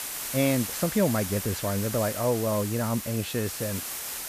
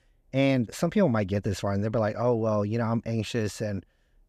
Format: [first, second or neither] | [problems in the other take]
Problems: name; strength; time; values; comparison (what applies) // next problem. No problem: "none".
second | hiss; loud; throughout; 5 dB below the speech